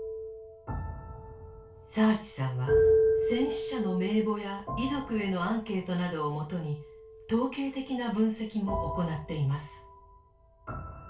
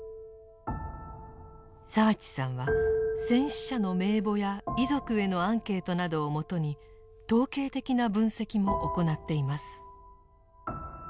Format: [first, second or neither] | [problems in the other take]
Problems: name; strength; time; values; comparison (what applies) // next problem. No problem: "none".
second | room echo; dies away in 0.2 s